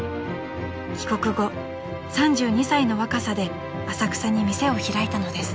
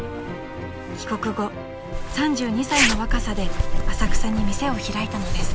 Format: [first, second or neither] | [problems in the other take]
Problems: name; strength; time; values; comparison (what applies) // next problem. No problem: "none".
first | background sound (Zipper (clothing)); 3 dB above the speech